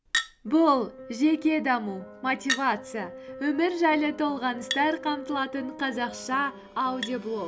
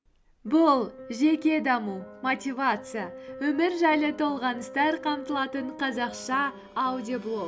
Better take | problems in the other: second | background sound (Chink, clink); 12 dB below the speech

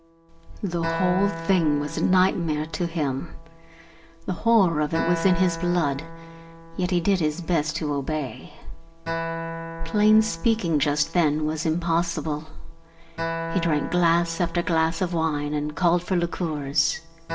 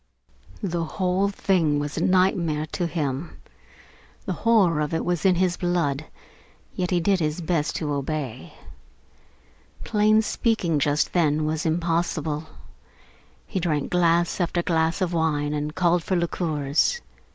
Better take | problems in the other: second | background sound (Acoustic guitar); 11 dB below the speech // room echo; dies away in 0.5 s

